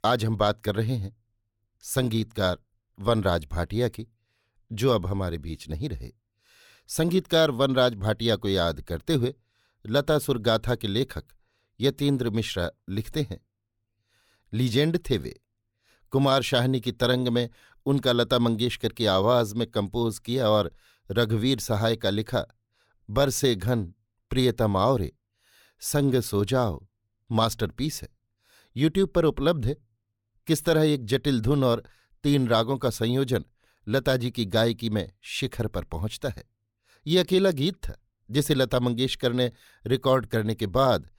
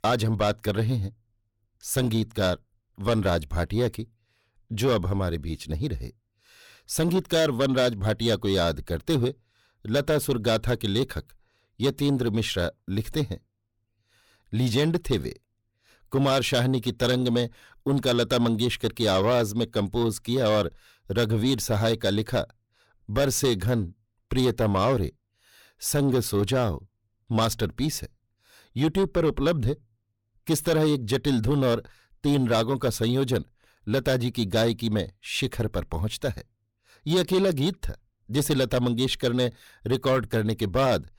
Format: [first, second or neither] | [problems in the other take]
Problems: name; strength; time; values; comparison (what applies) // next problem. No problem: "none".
first | distortion; slight; 10 dB below the speech